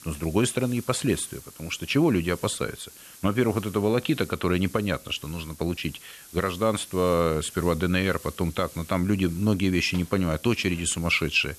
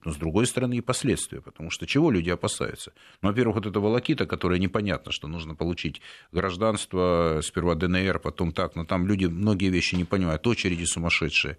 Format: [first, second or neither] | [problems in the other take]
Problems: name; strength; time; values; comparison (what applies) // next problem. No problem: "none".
second | hiss; noticeable; throughout; 20 dB below the speech